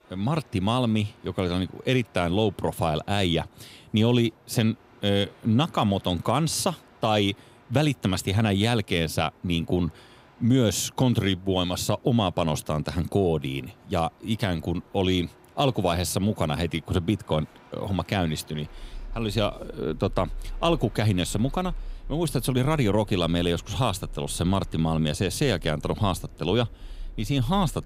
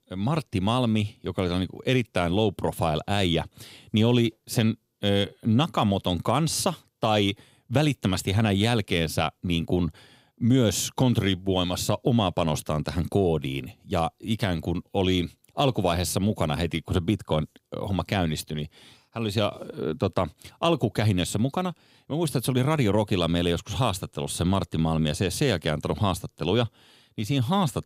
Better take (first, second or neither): second